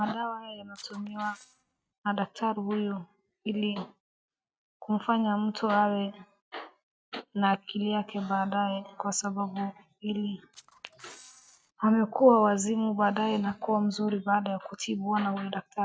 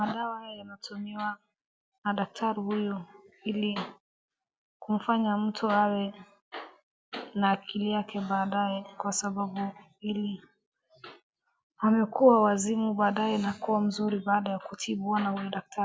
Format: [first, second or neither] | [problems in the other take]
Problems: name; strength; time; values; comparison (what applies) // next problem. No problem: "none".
second | noise reduction (neural mask model RNNoise)